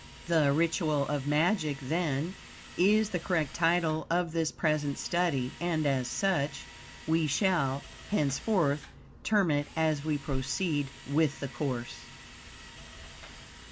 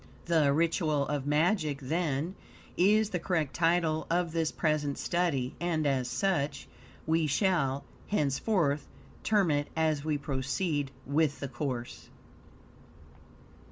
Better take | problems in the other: second | background sound (Drill); 20 dB below the speech

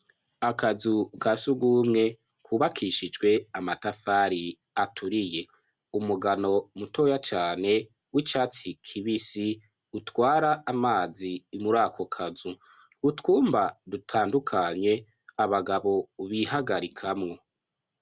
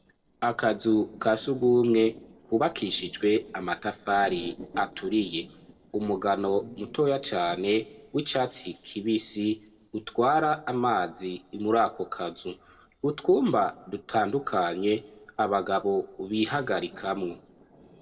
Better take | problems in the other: first | noise reduction (neural separator model SepFormer DNS4)

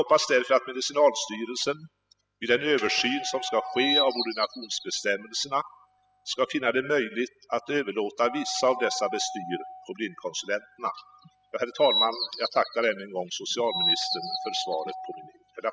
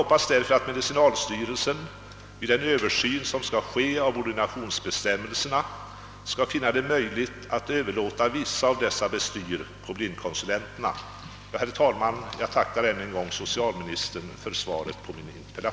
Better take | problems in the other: second | noise reduction (classical method spectral subtraction)

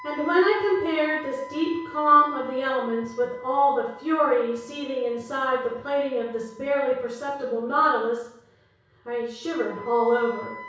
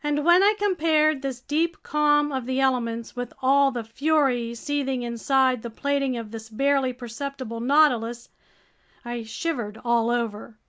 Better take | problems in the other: second | background sound (Wind instrument, woodwind instrument); 19 dB below the speech // room echo; dies away in 0.6 s

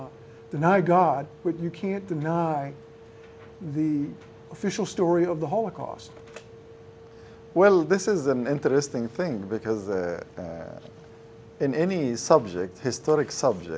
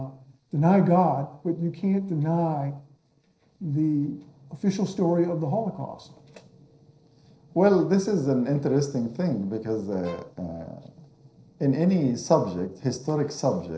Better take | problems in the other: first | noise reduction (neural separator model SepFormer DNS4)

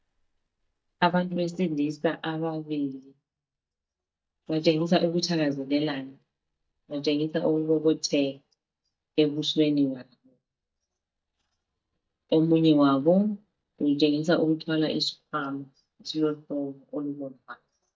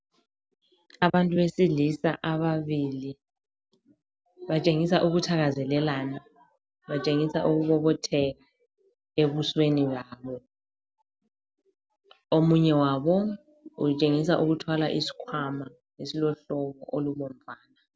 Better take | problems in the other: second | noise reduction (neural mask model DeepFilterNet 3)

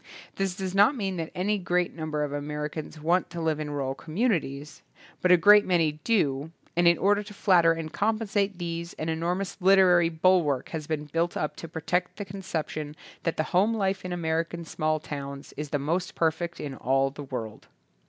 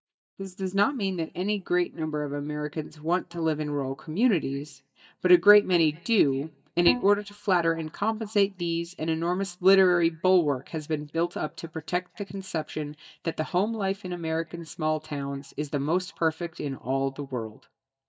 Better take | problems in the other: first | noise reduction (neural mask model DeepFilterNet 3)

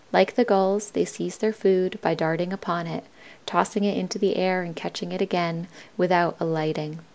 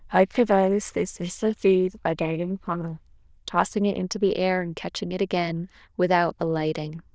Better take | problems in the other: first | noise reduction (neural diffusion model UNIVERSE++)

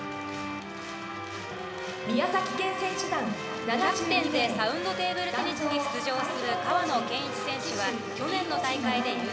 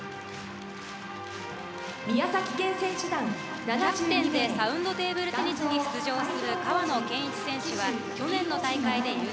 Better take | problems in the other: second | background sound (Bowed string instrument); 11 dB below the speech // room echo; dies away in 1.6 s

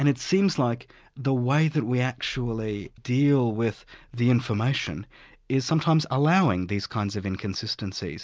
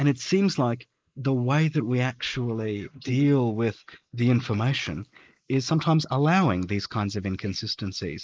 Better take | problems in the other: first | noise reduction (neural mask model Resemble Enhance denoiser)

